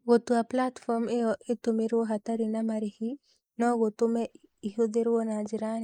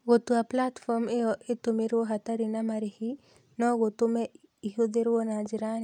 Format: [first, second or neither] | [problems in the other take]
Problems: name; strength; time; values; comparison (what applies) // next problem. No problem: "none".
second | noise reduction (neural mask model Resemble Enhance denoiser)